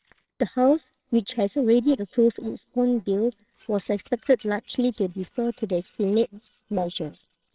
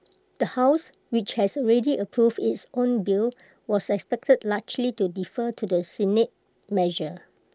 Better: second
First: noise reduction (neural separator model SepFormer WHAMR!)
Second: none

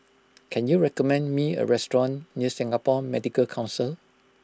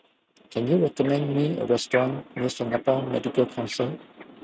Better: first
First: none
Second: noise reduction (neural mask model RNNoise)

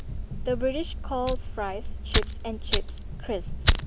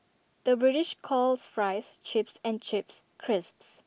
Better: second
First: background sound (Fire); 4 dB above the speech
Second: none

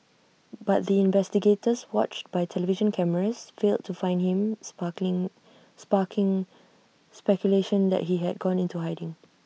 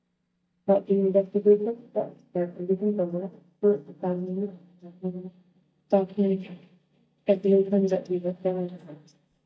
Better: first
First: none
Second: noise reduction (neural mask model DeepFilterNet 3)

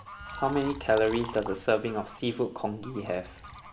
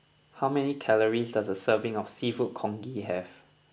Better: second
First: background sound (Bird / Fowl + Liquid); 13 dB below the speech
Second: none

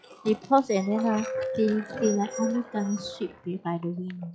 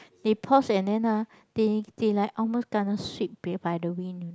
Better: second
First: noise reduction (classical method log-MMSE)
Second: none

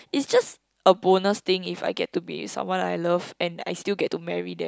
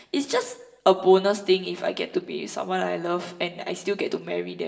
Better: first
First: none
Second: room echo; dies away in 0.7 s

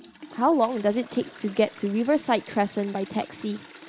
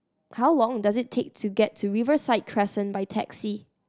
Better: second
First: background sound (Toilet flush); 20 dB below the speech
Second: none

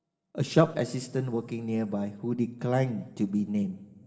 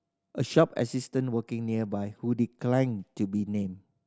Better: second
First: room echo; dies away in 2.9 s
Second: none

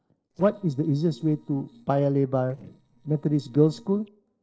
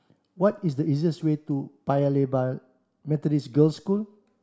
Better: second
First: noise reduction (neural separator model SepFormer DNS4)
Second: none

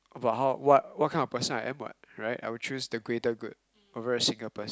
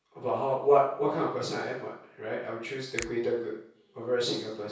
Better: first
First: none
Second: background sound (Finger snapping); 15 dB below the speech // room echo; dies away in 0.6 s

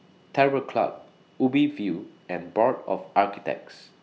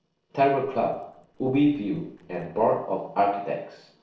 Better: first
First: none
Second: noise reduction (neural separator model SepFormer DNS4)

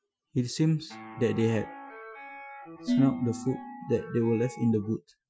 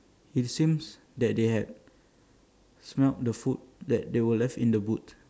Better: second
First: noise reduction (classical method Wiener filter)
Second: none

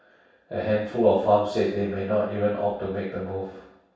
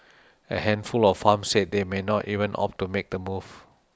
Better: second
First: room echo; dies away in 0.7 s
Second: none

